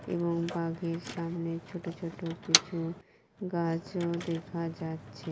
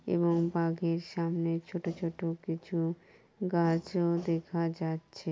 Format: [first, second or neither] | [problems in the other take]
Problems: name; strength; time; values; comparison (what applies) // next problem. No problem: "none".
second | background sound (Motor vehicle (road)); 4 dB below the speech